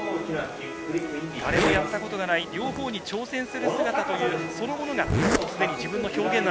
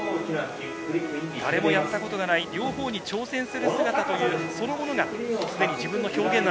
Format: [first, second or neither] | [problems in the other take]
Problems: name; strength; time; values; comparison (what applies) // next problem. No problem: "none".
second | background sound (Zipper (clothing)); 6 dB below the speech